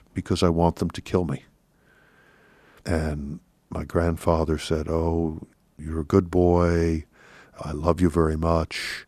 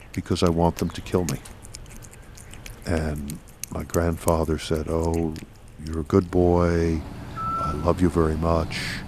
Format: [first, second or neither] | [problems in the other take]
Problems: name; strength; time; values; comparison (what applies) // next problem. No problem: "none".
first | animal sounds; noticeable; throughout; 10 dB below the speech